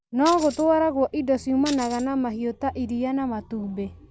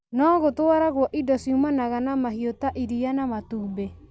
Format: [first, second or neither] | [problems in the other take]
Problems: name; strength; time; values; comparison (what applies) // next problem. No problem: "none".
second | background sound (Tambourine); 14 dB below the speech